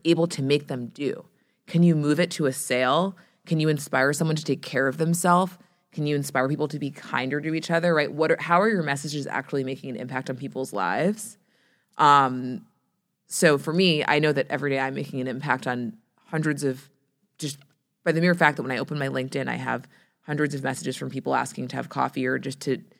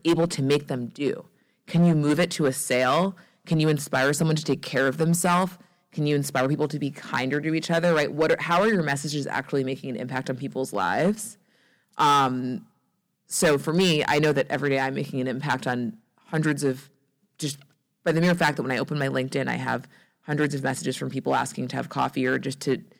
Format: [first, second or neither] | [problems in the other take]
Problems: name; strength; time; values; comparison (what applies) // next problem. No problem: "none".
first | distortion; slight; 4% of the sound clipped